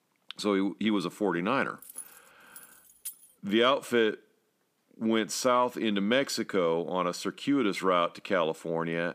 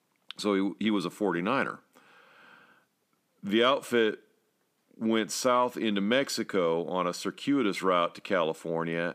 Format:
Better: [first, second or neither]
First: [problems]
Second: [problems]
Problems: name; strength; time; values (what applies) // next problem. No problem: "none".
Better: second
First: jangling keys; faint; from 2 to 3.5 s; peak 15 dB below the speech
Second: none